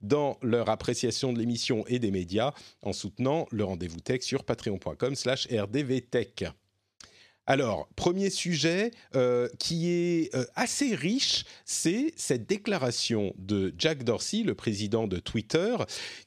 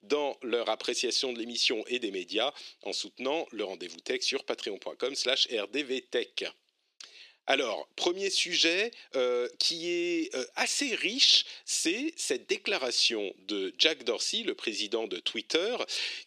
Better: first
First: none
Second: thin; somewhat; fading below 350 Hz

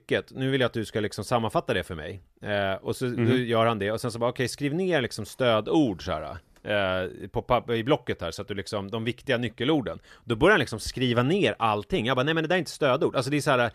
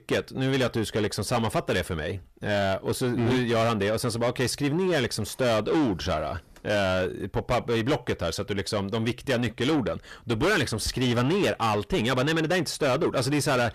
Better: first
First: none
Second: distortion; heavy; 7 dB below the speech

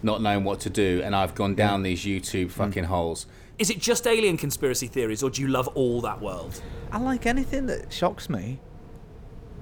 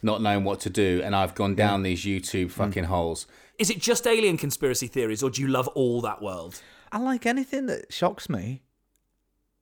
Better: second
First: wind noise on the microphone; occasional gusts; 25 dB below the speech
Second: none

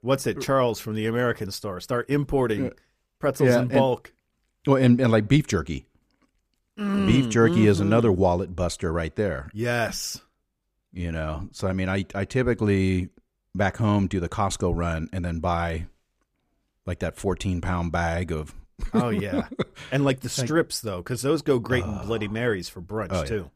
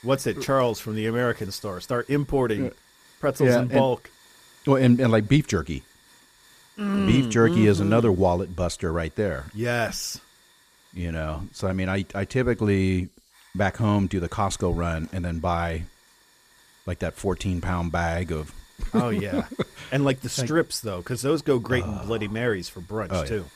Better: first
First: none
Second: hiss; faint; throughout; 30 dB below the speech

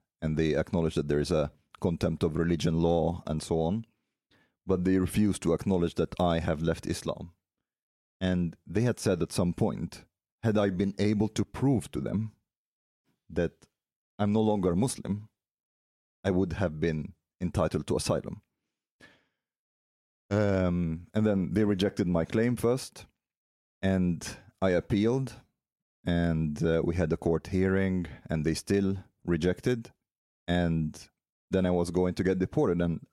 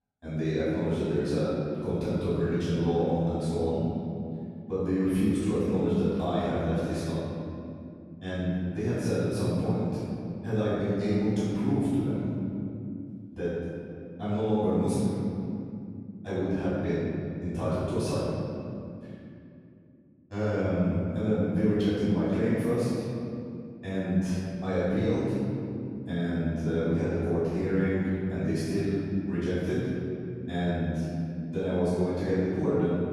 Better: first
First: none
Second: off-mic speech; far // room echo; strong; dies away in 2.7 s

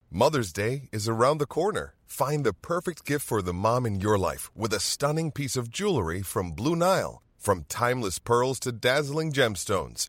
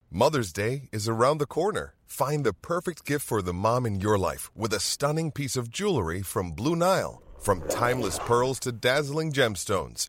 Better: first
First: none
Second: dog barking; noticeable; from 7.5 to 8.5 s; peak 5 dB below the speech

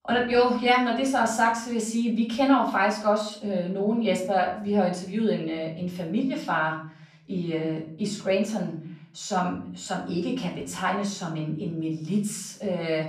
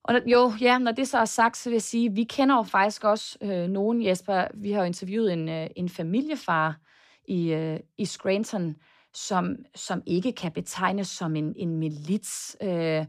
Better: second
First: off-mic speech; far // room echo; slight; dies away in 0.4 s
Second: none

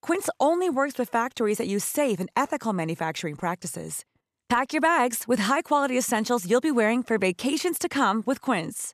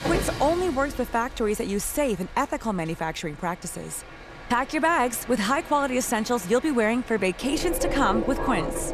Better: first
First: none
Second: train or aircraft noise; loud; throughout; 9 dB below the speech

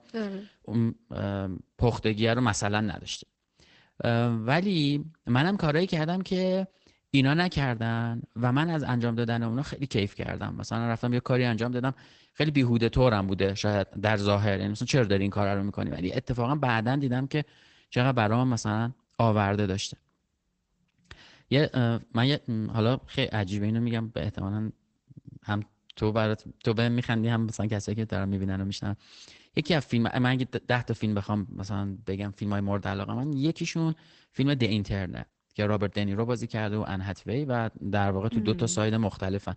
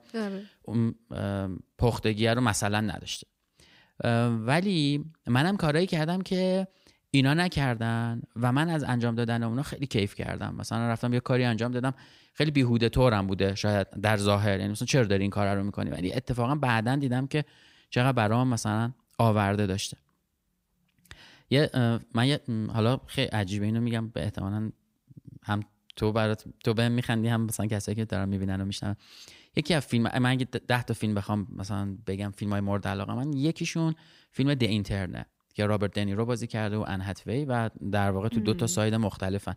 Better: second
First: garbled, watery; badly; nothing above 8 kHz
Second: none

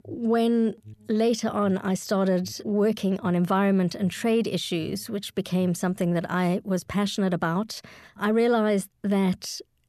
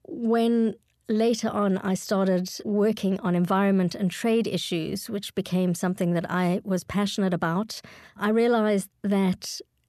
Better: second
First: alarms or sirens; faint; throughout; 25 dB below the speech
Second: none

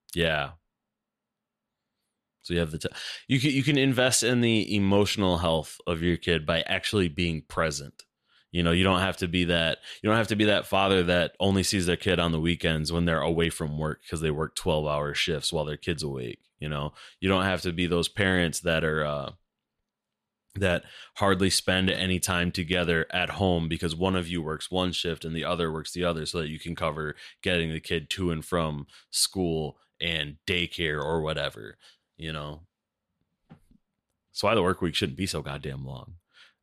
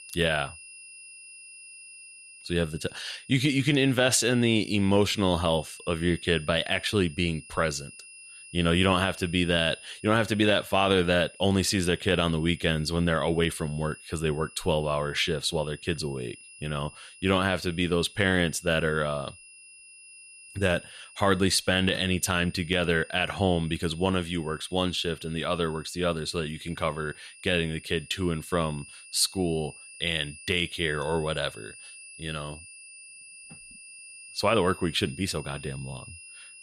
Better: first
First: none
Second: high-pitched whine; noticeable; throughout; 2.5 kHz, 20 dB below the speech

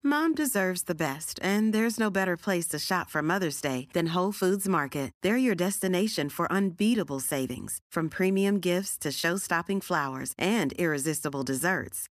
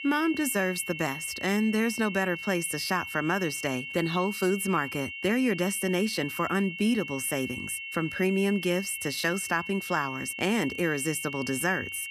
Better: first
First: none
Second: high-pitched whine; loud; throughout; 2.5 kHz, 7 dB below the speech

